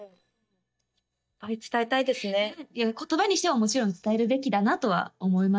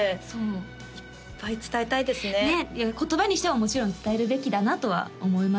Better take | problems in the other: second | noise reduction (neural mask model DeepFilterNet 3)

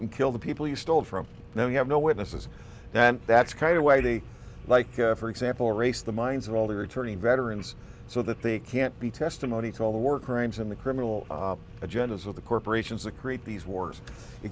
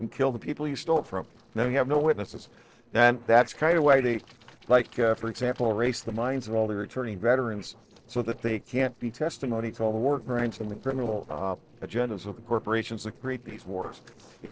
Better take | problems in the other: first | noise reduction (neural separator model SepFormer DNS4)

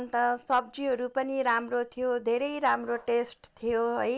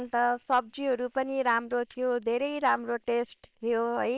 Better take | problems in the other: first | noise reduction (neural separator model SepFormer WHAM!)

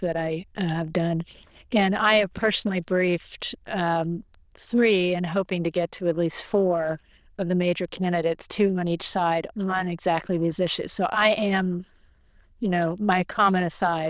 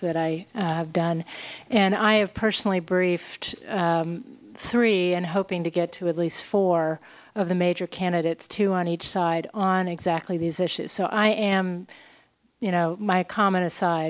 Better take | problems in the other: second | noise reduction (neural diffusion model UNIVERSE++)

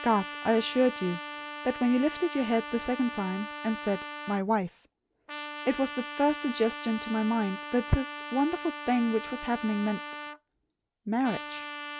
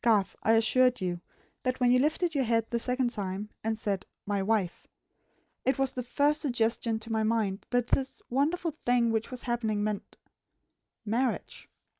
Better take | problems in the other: second | background sound (Trumpet); 10 dB below the speech

